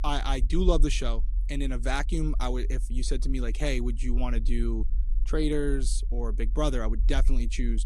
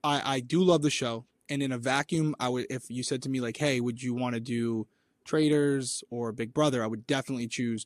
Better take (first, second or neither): second